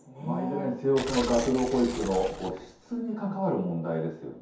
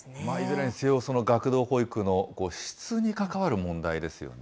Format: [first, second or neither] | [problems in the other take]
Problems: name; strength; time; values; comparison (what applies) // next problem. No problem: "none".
second | background sound (Tearing); 10 dB below the speech // room echo; dies away in 0.6 s